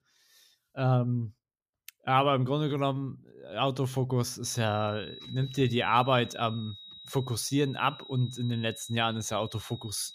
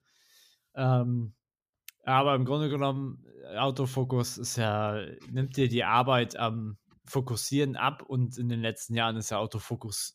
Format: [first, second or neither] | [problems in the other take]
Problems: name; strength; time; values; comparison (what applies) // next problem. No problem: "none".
second | high-pitched whine; noticeable; from 4.5 s on; 4 kHz, 15 dB below the speech